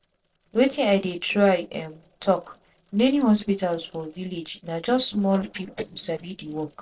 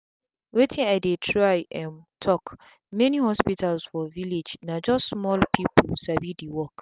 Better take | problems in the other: second | noise reduction (neural separator model SepFormer DNS4)

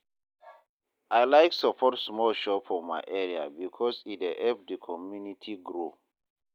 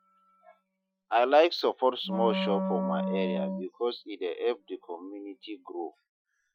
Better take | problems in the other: first | noise reduction (classical method Wiener filter)

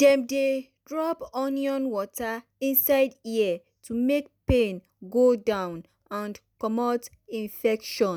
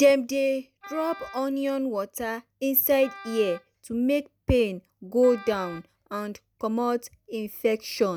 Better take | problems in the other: first | background sound (Wind instrument, woodwind instrument); 19 dB below the speech

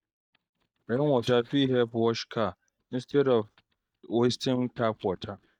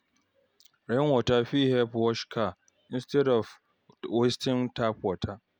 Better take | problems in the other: second | noise reduction (neural mask model DeepFilterNet 3)

